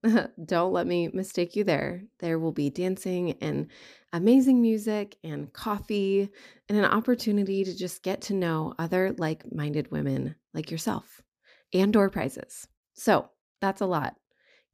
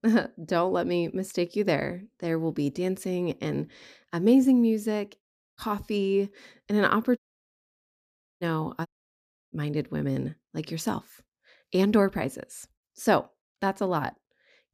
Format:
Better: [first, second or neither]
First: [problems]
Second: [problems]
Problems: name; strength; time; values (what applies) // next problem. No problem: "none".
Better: first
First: none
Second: audio cutting out; at 5 s, at 7 s for 1 s and at 9 s for 0.5 s